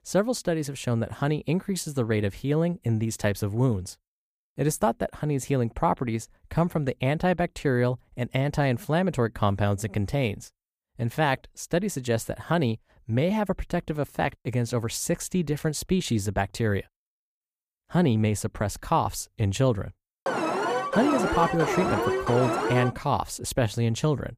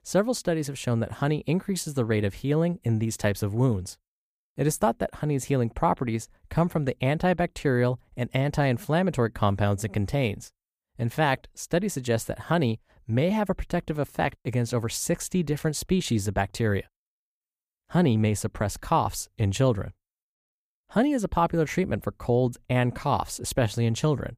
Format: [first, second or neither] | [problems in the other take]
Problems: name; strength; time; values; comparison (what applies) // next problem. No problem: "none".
second | alarm; loud; from 20 to 23 s; peak 1 dB above the speech